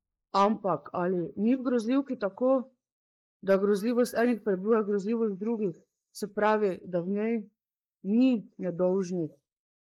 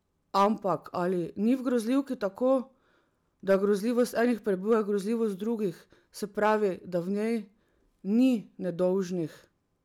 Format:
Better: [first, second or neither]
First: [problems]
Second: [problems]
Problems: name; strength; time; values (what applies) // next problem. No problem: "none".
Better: second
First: noise reduction (neural mask model Resemble Enhance denoiser)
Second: none